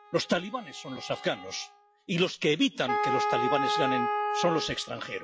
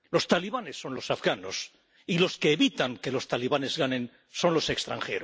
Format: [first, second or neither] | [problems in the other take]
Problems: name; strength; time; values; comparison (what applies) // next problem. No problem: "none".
second | noise reduction (classical method log-MMSE)